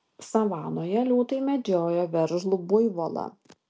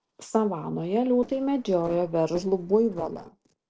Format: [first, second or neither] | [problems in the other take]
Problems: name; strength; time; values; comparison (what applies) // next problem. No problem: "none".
first | noise reduction (neural separator model SepFormer DNS4)